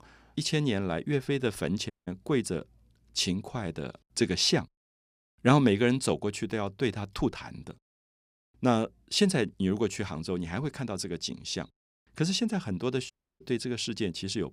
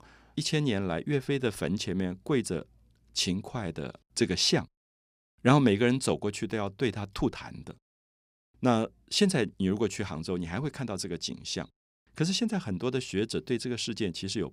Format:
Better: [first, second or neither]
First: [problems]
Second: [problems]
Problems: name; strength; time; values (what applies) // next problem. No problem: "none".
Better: second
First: audio cutting out; at 2 s and at 13 s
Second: none